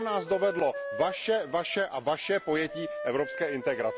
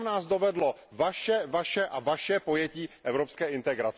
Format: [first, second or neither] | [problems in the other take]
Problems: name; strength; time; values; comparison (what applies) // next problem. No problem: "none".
second | background sound (Wind instrument, woodwind instrument); 9 dB below the speech